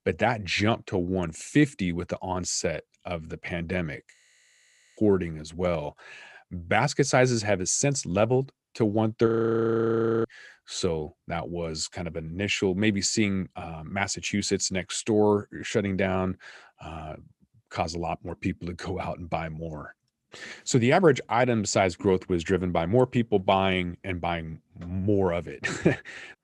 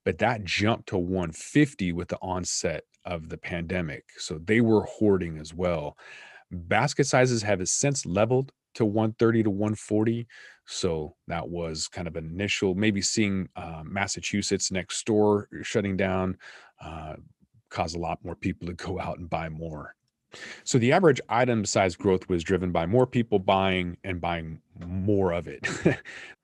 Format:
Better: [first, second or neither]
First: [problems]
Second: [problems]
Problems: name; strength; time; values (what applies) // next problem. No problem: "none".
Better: second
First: audio freezing; at 4 s for 1 s and at 9.5 s for 1 s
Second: none